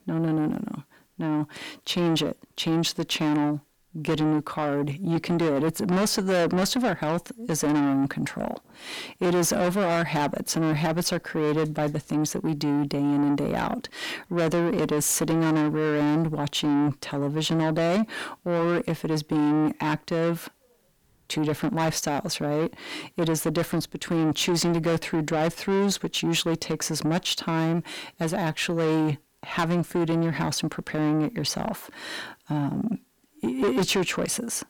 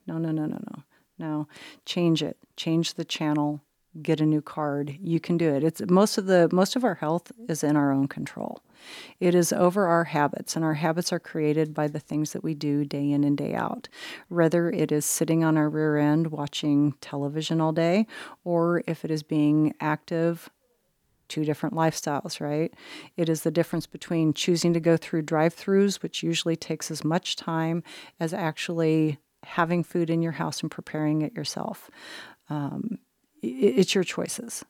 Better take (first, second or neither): second